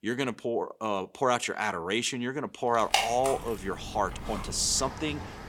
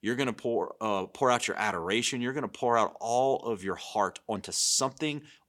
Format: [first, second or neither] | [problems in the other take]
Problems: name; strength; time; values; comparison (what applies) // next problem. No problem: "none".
second | animal sounds; loud; from 3.5 s on; 5 dB below the speech